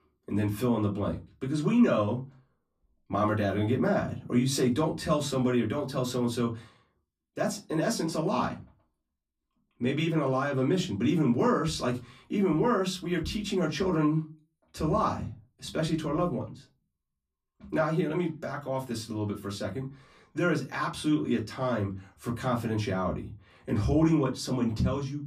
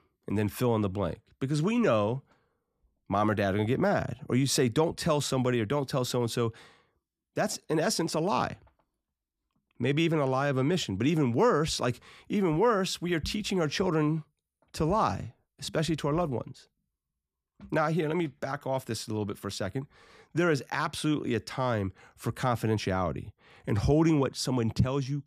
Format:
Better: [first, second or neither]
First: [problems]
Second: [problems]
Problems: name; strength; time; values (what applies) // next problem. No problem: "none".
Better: second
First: off-mic speech; far // room echo; very slight; dies away in 0.2 s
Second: none